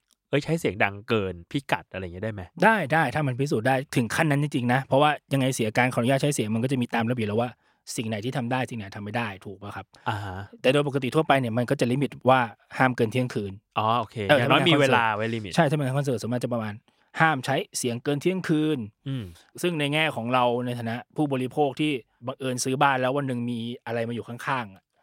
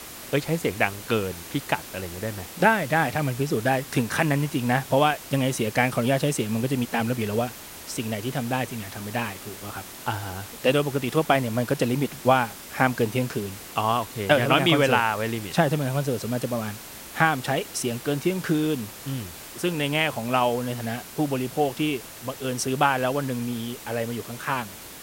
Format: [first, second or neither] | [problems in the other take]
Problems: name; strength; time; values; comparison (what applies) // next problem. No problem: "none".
first | hiss; noticeable; throughout; 15 dB below the speech